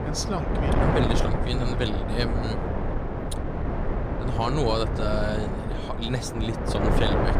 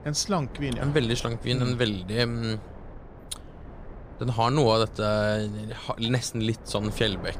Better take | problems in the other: second | wind noise on the microphone; heavy; as loud as the speech; occasional gusts in the second

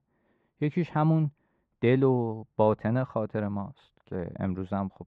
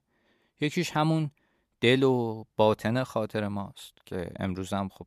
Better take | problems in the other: second | muffled; very; fading above 1.5 kHz

